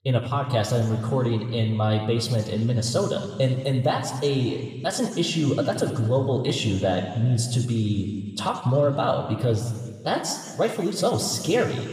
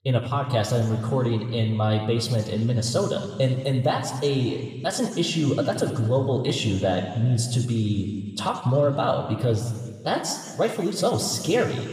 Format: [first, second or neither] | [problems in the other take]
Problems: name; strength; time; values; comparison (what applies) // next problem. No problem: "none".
neither | room echo; noticeable; dies away in 1.7 s; the same in both // off-mic speech; somewhat distant; the same in both